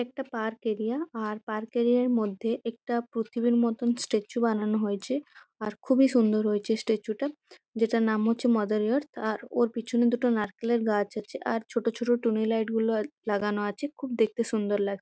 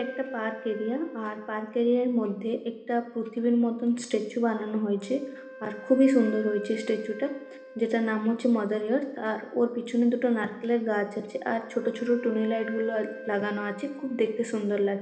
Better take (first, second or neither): first